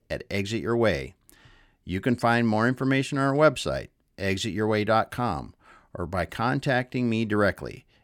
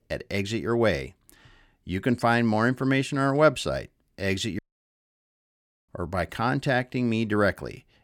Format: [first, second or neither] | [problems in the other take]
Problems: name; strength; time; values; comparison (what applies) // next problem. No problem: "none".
first | audio cutting out; at 4.5 s for 1.5 s